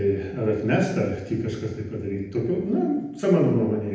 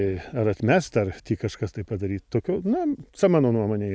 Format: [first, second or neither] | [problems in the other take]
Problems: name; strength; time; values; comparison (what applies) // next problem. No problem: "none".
second | room echo; dies away in 0.9 s